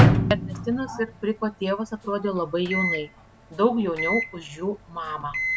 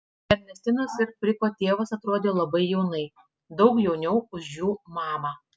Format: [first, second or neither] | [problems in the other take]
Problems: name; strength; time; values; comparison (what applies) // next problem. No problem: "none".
second | background sound (Microwave oven); 1 dB above the speech